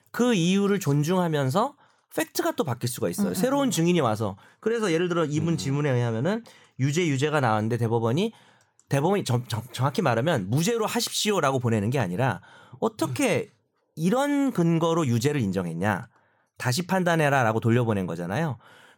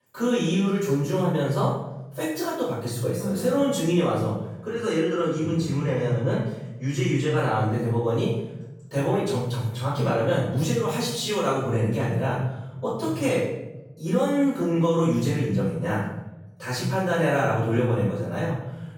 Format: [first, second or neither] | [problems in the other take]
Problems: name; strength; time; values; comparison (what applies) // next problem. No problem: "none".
first | off-mic speech; far // room echo; noticeable; dies away in 0.8 s